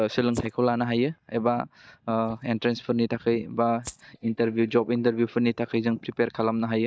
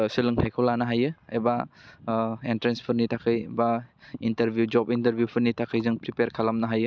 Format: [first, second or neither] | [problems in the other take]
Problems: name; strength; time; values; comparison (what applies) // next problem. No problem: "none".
second | noise reduction (neural mask model DeepFilterNet 3)